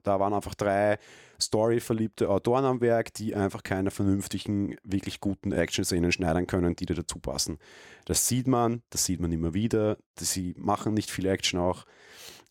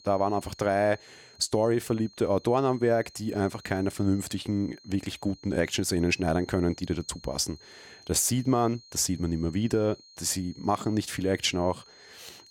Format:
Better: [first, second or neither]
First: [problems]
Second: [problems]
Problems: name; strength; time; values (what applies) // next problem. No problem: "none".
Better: first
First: none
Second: high-pitched whine; faint; throughout; 4 kHz, 25 dB below the speech